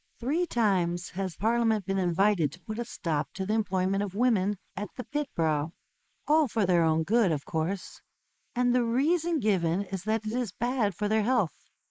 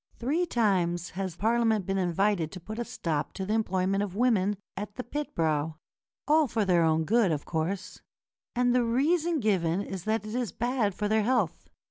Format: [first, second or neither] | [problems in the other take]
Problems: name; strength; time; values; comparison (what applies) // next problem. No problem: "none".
second | noise reduction (neural mask model Resemble Enhance denoiser)